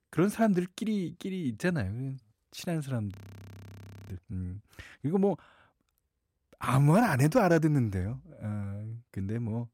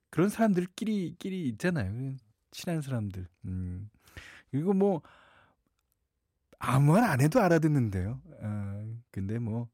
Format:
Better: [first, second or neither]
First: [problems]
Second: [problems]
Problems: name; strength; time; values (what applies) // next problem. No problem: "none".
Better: second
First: audio freezing; at 3 s for 1 s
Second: none